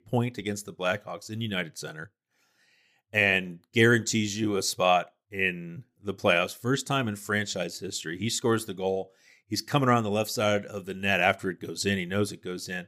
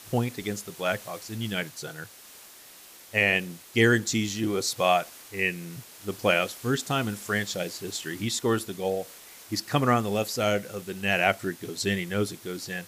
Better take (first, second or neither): first